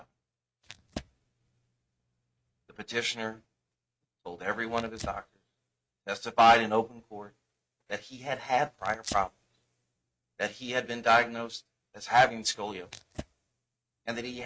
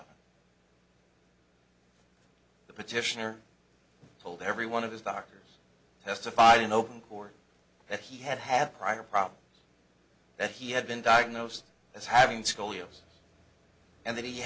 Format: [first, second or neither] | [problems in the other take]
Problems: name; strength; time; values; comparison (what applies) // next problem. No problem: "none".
second | noise reduction (neural mask model RNNoise)